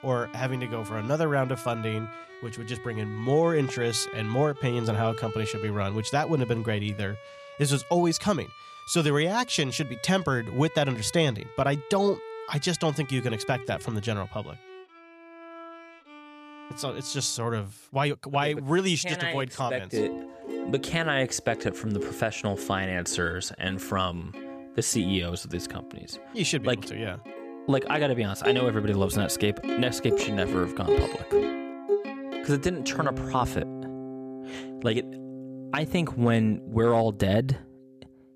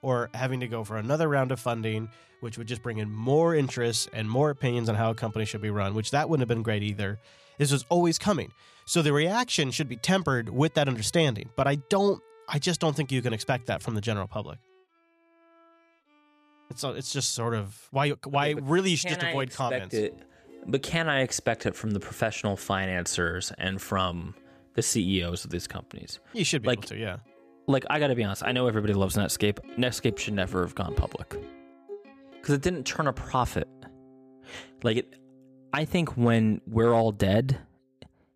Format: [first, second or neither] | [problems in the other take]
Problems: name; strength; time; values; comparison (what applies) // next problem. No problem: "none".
second | background music; loud; throughout; 9 dB below the speech; faint in the second